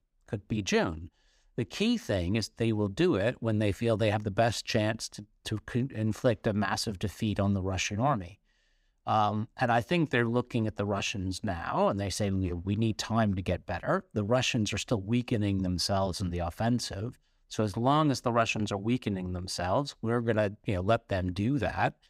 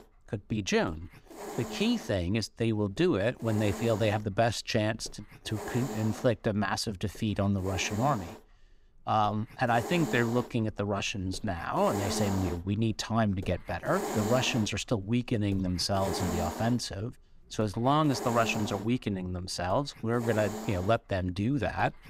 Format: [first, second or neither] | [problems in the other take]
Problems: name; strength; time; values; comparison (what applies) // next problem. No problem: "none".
first | hiss; loud; throughout; 9 dB below the speech